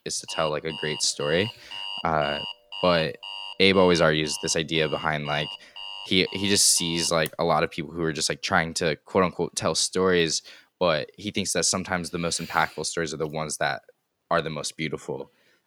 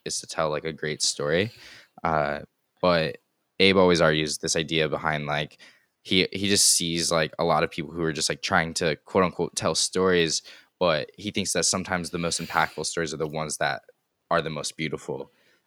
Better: second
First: alarm; noticeable; until 7.5 s; peak 8 dB below the speech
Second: none

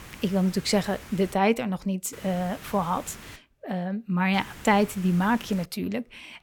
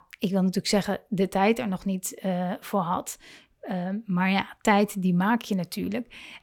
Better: second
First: hiss; noticeable; until 1.5 s, from 2 to 3.5 s and from 4.5 to 5.5 s; 20 dB below the speech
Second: none

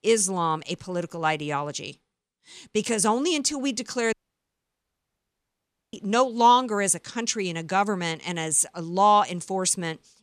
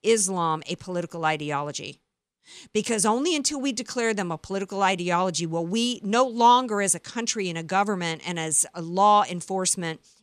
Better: second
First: audio cutting out; at 4 s for 2 s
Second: none

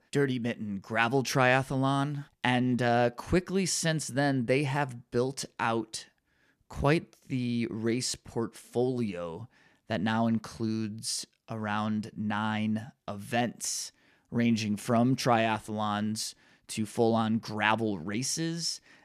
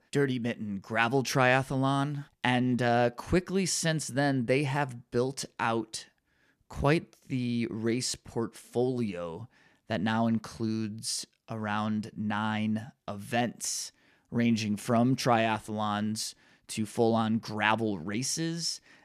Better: neither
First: none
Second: none

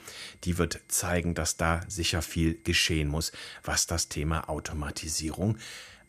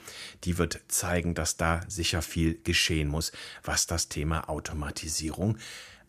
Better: second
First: high-pitched whine; faint; throughout; 2 kHz, 35 dB below the speech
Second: none

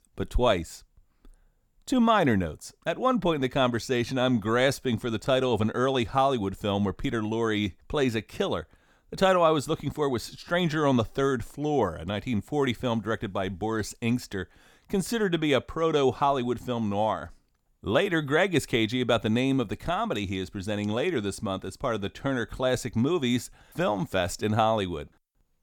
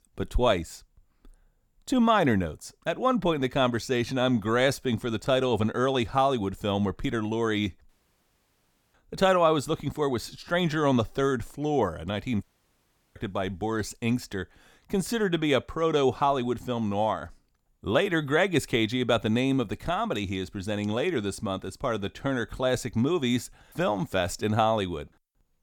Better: first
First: none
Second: audio cutting out; at 8 s for 1 s and at 12 s for 0.5 s

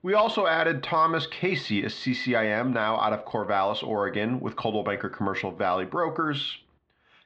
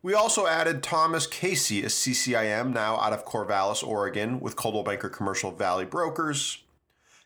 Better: second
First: muffled; slightly; fading above 4 kHz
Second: none

